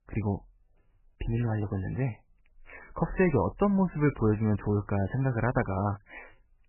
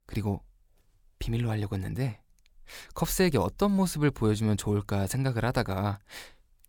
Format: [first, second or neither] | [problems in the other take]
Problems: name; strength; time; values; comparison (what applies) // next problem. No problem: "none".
second | garbled, watery; badly; nothing above 2.5 kHz